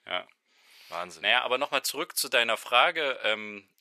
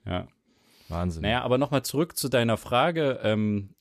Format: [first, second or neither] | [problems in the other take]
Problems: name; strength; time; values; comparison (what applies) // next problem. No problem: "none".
second | thin; very; fading below 700 Hz